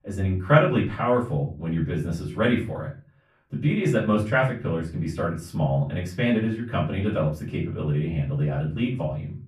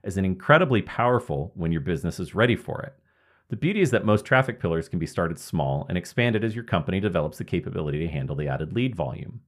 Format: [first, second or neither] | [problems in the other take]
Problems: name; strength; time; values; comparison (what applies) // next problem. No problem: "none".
second | off-mic speech; far // room echo; slight; dies away in 0.3 s